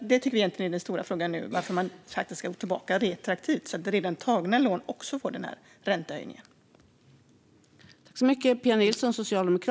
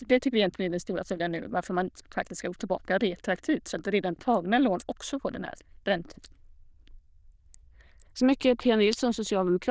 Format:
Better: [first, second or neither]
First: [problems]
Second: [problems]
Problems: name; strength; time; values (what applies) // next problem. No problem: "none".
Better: first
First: none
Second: noise reduction (neural diffusion model UNIVERSE++)